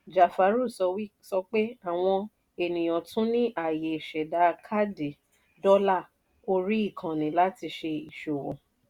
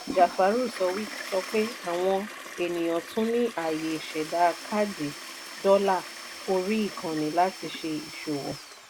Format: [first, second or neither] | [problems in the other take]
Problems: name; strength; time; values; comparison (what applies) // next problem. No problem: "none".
first | background sound (Tools / Domestic sounds, home sounds + Toilet flush); 12 dB below the speech